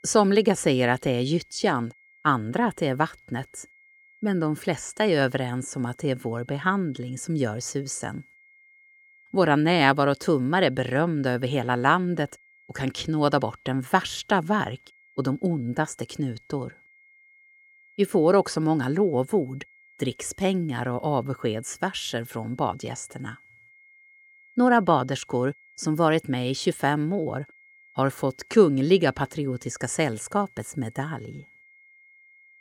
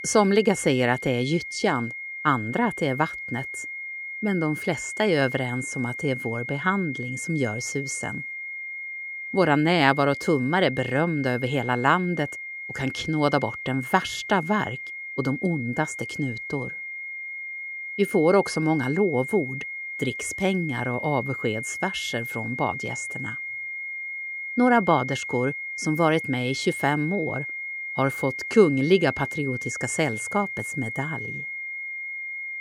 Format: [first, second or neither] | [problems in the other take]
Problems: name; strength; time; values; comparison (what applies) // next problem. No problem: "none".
first | high-pitched whine; loud; throughout; 2 kHz, 7 dB below the speech; faint in the first